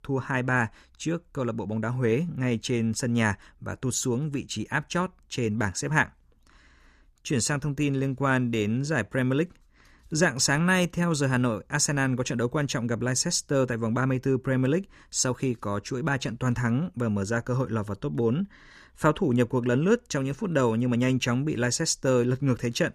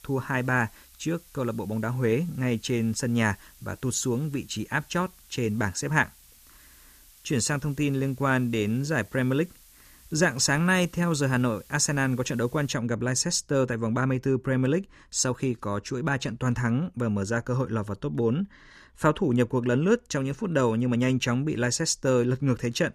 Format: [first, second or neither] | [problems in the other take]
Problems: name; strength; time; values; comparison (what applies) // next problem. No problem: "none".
first | hiss; faint; until 13 s; 25 dB below the speech